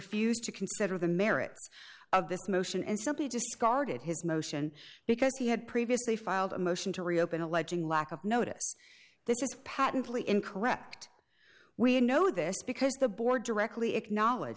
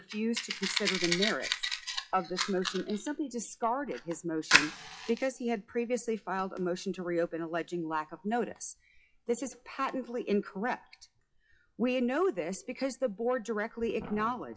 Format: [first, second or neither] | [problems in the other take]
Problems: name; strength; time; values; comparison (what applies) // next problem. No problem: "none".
first | noise reduction (classical method WPE with log-MMSE)